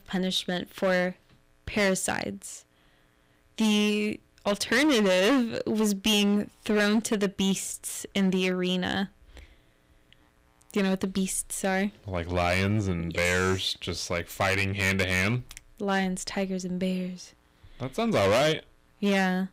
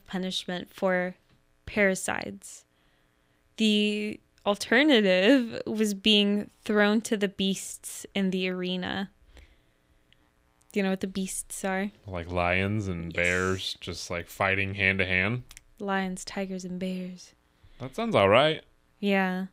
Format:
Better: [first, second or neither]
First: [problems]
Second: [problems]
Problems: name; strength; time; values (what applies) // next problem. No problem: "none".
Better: second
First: distortion; heavy; 8% of the sound clipped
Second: none